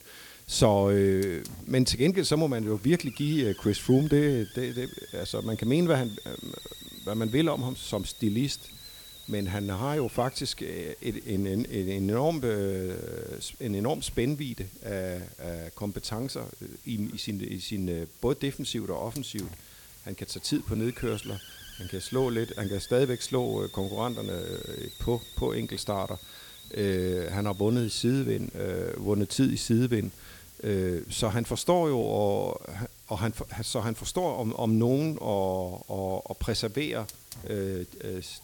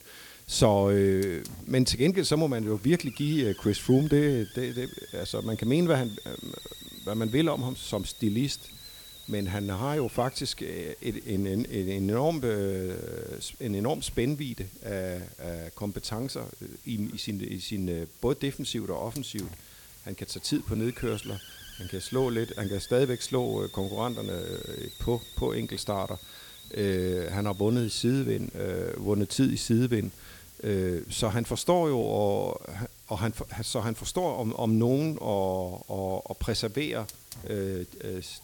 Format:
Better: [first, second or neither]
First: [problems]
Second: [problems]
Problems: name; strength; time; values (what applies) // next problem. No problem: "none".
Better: neither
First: hiss; noticeable; throughout; 15 dB below the speech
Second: hiss; noticeable; throughout; 15 dB below the speech